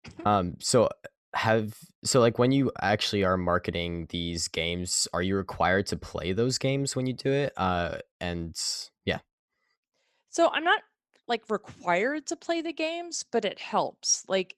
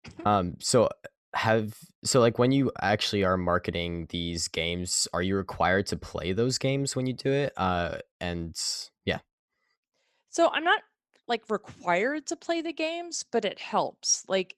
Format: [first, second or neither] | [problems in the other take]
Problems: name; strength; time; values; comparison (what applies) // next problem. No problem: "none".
neither | none